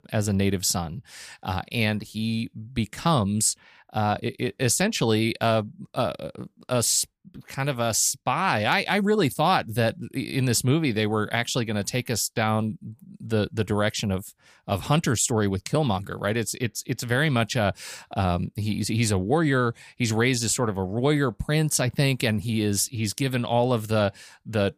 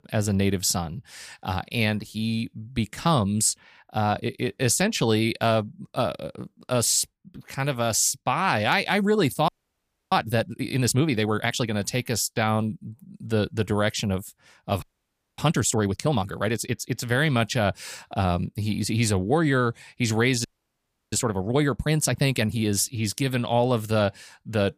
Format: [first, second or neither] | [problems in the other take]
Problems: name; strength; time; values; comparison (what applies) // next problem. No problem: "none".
first | audio freezing; at 9.5 s for 0.5 s, at 15 s for 0.5 s and at 20 s for 0.5 s